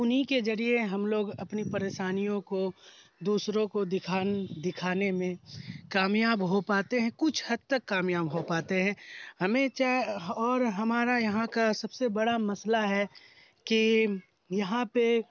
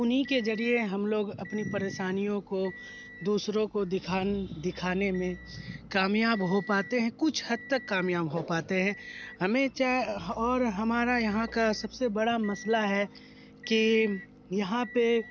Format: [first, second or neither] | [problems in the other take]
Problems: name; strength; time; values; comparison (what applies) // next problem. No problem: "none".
first | background sound (Motor vehicle (road) / Engine); 18 dB below the speech